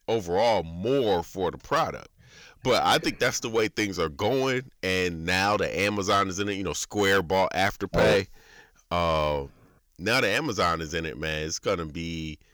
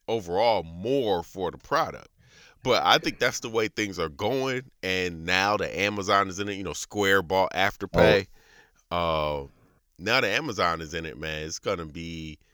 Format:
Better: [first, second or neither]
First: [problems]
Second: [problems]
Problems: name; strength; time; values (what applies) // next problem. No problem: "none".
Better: second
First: distortion; slight; 10 dB below the speech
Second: none